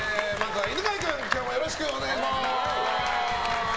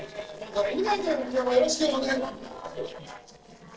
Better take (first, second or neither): first